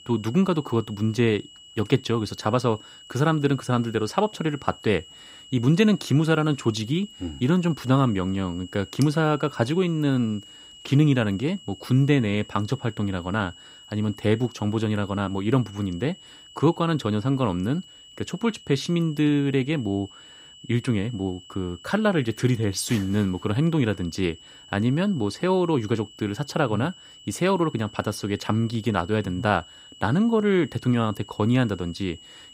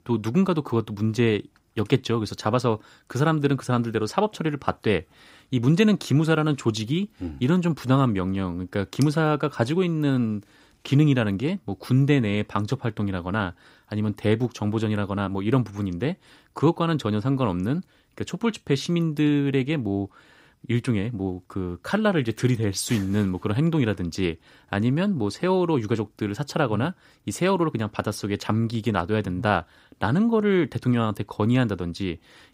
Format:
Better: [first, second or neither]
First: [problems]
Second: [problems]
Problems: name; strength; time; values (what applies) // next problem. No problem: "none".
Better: second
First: high-pitched whine; faint; throughout; 3 kHz, 20 dB below the speech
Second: none